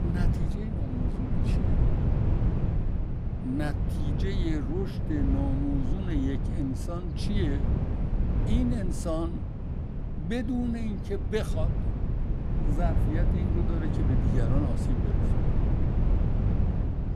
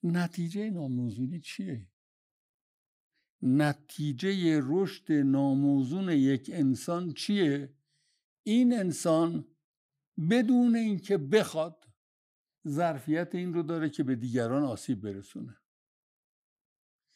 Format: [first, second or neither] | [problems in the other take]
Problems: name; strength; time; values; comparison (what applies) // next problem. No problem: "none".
second | wind noise on the microphone; heavy; 2 dB below the speech